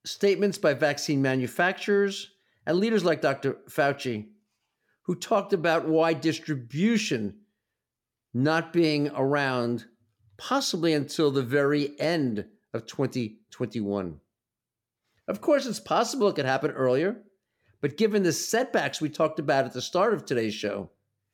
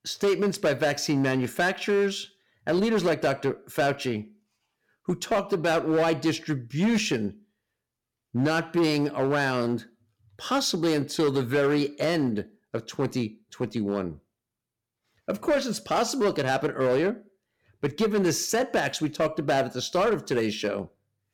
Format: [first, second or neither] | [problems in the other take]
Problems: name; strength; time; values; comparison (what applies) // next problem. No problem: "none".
first | distortion; slight; 7% of the sound clipped